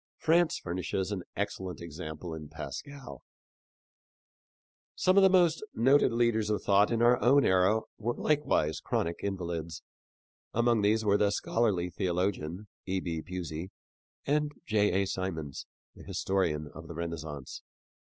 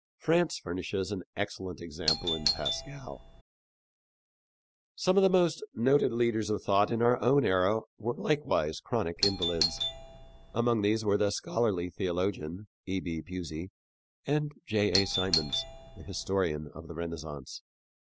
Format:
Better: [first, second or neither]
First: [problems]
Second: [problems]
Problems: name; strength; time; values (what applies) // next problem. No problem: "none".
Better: first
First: none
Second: background sound (Doorbell); 3 dB below the speech